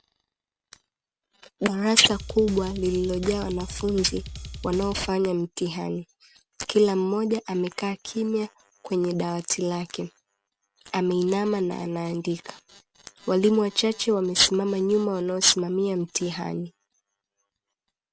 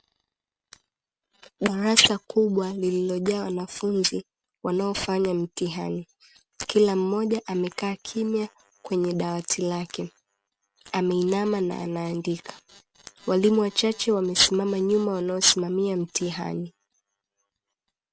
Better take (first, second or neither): second